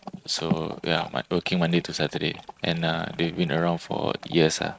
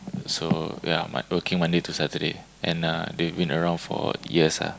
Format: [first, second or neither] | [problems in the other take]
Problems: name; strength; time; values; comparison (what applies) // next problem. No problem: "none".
second | noise reduction (neural mask model RNNoise)